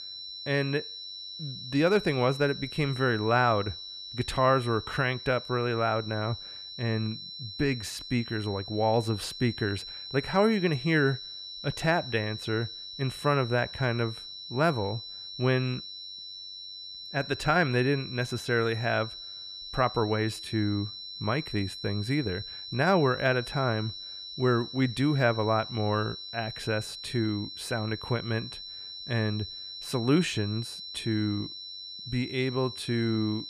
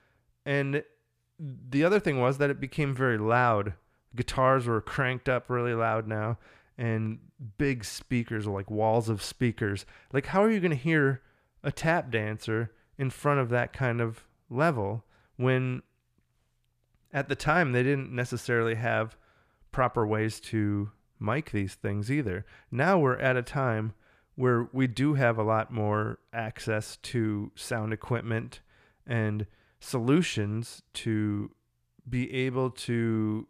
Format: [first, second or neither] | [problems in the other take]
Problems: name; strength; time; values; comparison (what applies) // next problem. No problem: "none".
second | high-pitched whine; loud; throughout; 4 kHz, 10 dB below the speech